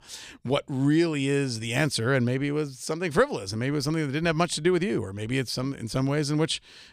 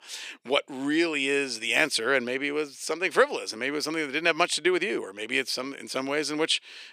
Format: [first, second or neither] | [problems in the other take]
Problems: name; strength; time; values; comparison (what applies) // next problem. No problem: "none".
first | thin; somewhat; fading below 350 Hz